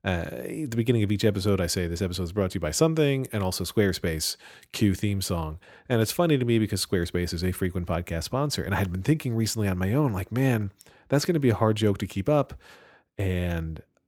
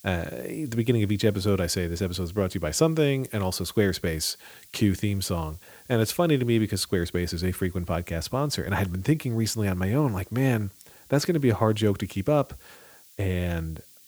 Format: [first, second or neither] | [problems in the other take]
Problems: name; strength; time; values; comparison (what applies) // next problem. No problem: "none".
first | hiss; faint; throughout; 25 dB below the speech